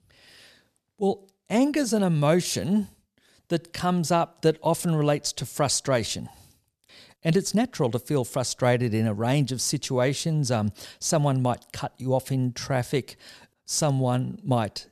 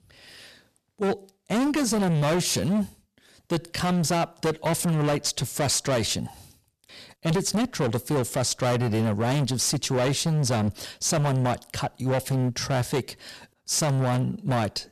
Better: first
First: none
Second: distortion; heavy; 21% of the sound clipped

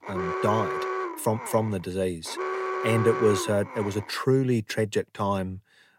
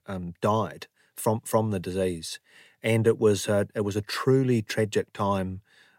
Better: second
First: alarm; noticeable; until 4 s; peak 2 dB below the speech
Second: none

